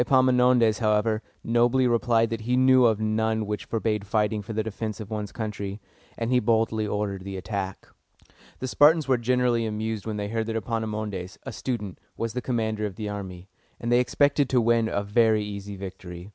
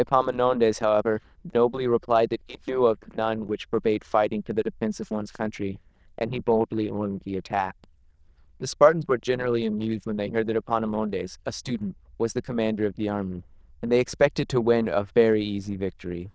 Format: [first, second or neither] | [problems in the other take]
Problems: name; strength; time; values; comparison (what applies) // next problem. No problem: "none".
first | noise reduction (neural diffusion model UNIVERSE++)